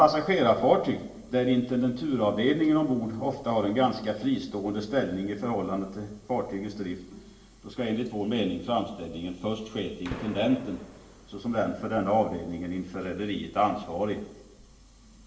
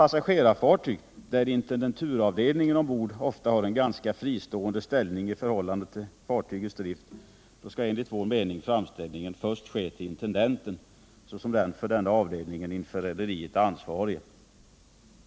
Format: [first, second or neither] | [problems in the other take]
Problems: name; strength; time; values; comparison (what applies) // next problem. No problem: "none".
second | background sound (Gunshot, gunfire); 15 dB below the speech // room echo; dies away in 0.7 s